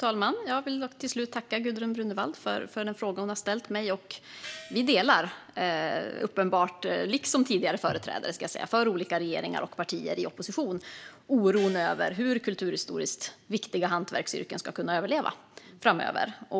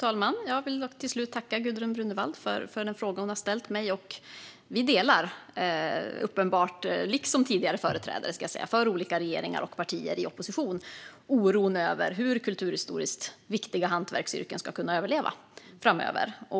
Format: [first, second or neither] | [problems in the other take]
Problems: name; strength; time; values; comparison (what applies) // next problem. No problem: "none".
second | background sound (Gong); 19 dB below the speech